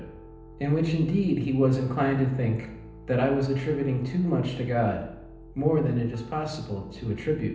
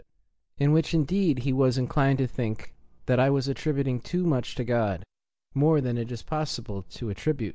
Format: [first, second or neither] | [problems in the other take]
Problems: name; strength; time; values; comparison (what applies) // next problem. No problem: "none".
second | background sound (Piano); 18 dB below the speech // room echo; dies away in 0.8 s